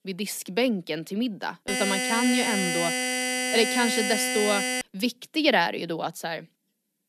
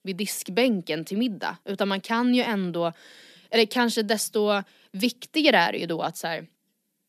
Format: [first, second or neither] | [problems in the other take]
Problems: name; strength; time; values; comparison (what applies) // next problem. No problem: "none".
second | alarm; loud; from 1.5 to 5 s; peak 2 dB above the speech